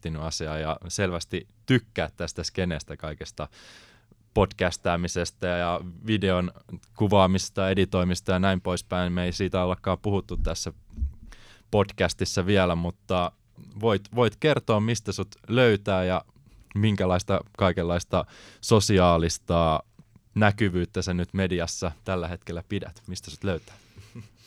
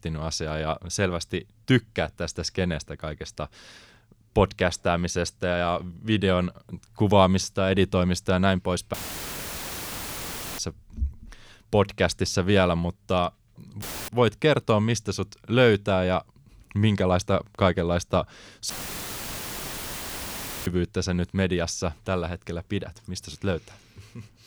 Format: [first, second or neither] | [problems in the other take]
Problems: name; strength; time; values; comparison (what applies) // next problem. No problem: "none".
first | audio cutting out; filled with static; at 9 s for 1.5 s, at 14 s and at 19 s for 2 s